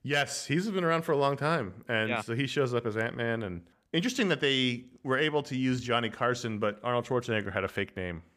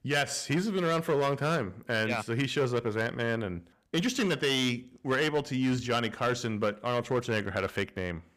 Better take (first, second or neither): first